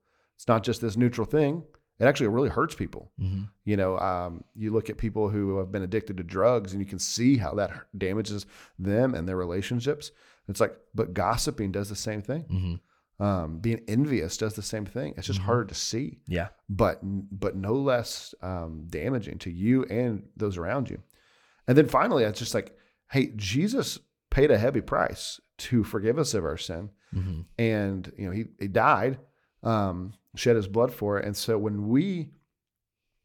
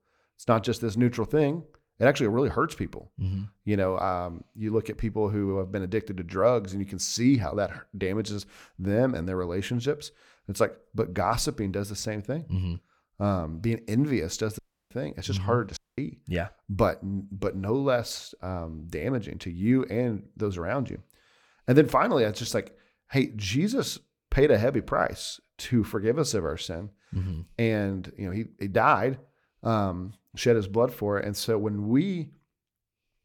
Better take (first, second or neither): first